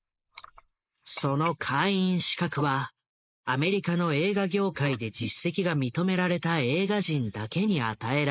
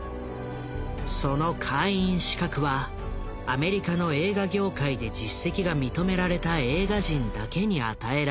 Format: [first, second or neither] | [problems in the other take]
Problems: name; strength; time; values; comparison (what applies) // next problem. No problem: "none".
second | noise reduction (neural mask model Resemble Enhance denoiser)